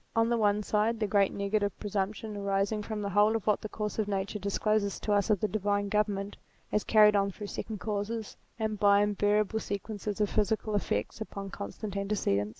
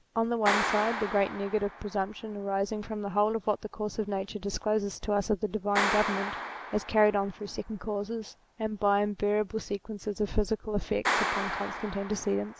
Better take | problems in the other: first | background sound (Clapping); 7 dB below the speech

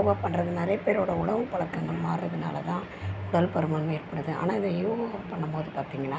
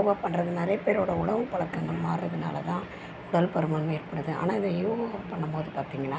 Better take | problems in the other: second | background sound (Bowed string instrument); 14 dB below the speech

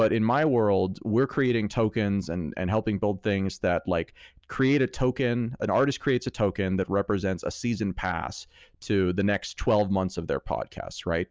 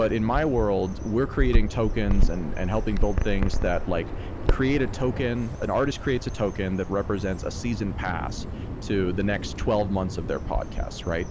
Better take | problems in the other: first | background sound (Bird vocalization, bird call, bird song); as loud as the speech

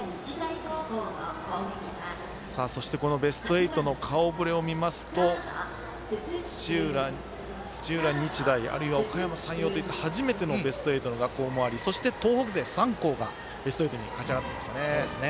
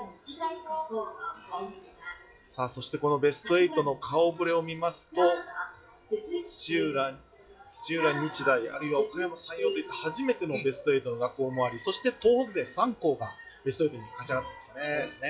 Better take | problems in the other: first | noise reduction (classical method WPE with log-MMSE)

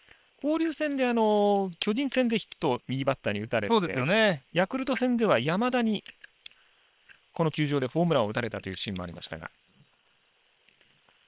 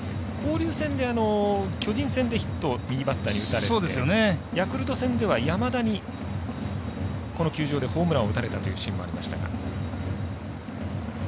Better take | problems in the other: second | noise reduction (neural separator model SepFormer WHAM!)

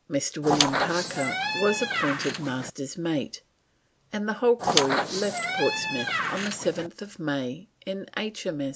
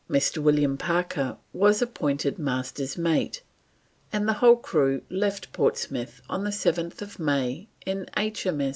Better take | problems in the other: second | background sound (Squeak); 1 dB above the speech

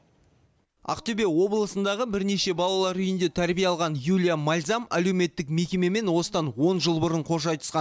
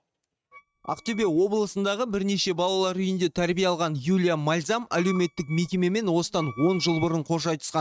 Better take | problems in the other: first | noise reduction (neural mask model RNNoise)

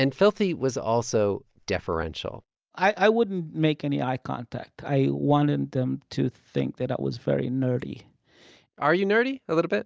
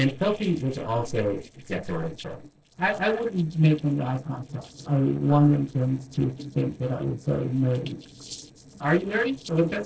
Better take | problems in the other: first | noise reduction (neural separator model SepFormer DNS4)

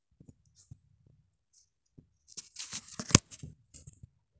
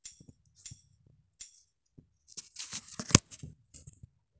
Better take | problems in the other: first | background sound (Tambourine); 17 dB below the speech

